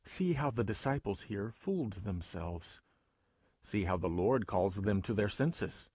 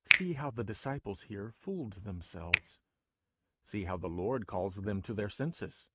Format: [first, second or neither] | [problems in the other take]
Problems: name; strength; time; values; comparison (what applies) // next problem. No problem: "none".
first | noise reduction (neural mask model RNNoise)